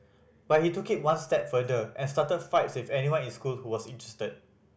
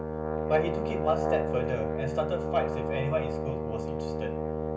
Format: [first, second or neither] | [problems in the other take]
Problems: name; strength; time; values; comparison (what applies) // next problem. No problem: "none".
first | background sound (Brass instrument); 2 dB above the speech // room echo; dies away in 0.4 s